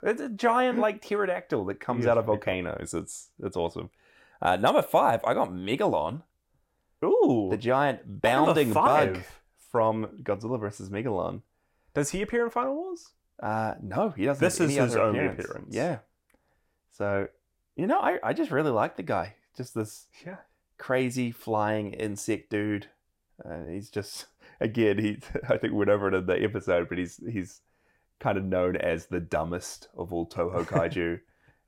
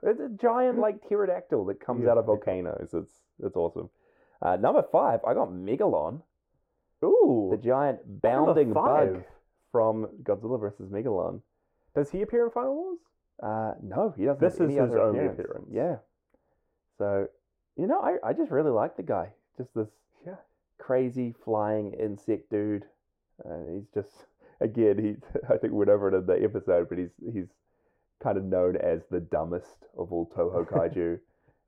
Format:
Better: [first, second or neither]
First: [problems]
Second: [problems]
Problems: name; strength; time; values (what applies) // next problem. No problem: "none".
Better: first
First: none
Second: muffled; very; fading above 2 kHz